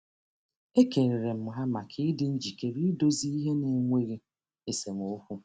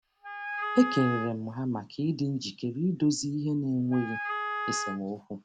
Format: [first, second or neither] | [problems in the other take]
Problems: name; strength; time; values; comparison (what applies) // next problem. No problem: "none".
first | background sound (Wind instrument, woodwind instrument); 5 dB below the speech